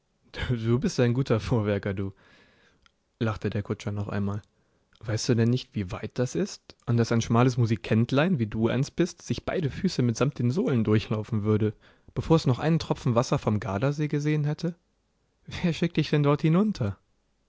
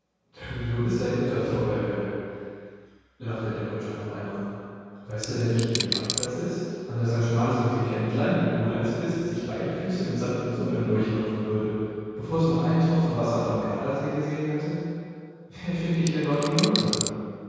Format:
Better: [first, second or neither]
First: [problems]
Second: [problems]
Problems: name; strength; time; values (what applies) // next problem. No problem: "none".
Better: first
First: none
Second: background sound (Coin (dropping)); 5 dB below the speech // room echo; dies away in 2.2 s